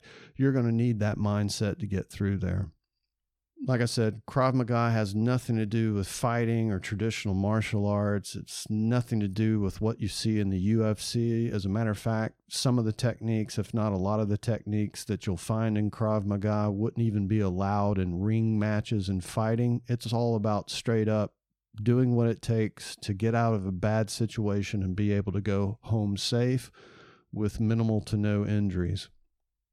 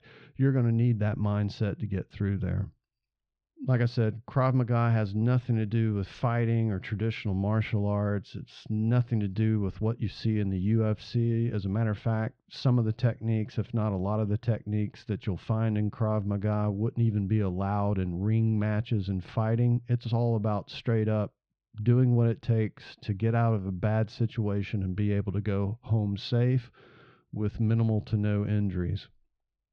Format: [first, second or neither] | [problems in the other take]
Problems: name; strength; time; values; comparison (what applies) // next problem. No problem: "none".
first | muffled; slightly; fading above 4 kHz